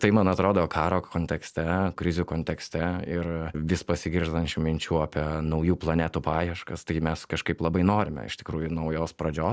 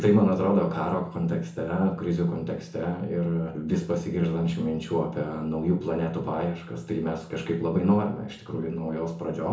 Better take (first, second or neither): first